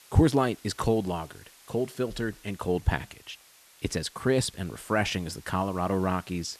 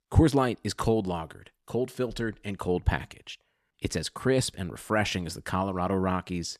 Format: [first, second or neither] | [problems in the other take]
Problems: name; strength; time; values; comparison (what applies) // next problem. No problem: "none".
second | hiss; faint; throughout; 25 dB below the speech